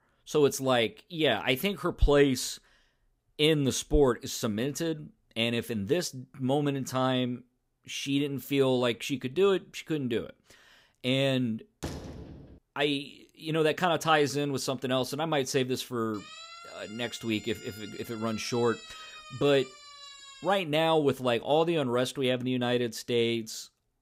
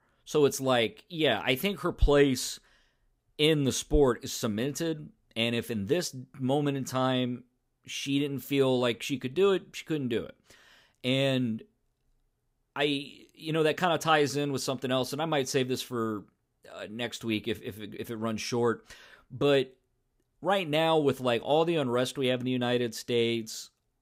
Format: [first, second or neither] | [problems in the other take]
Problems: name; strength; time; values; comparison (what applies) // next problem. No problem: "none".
second | door banging; faint; at 12 s; peak 10 dB below the speech // siren; faint; from 16 to 21 s; peak 15 dB below the speech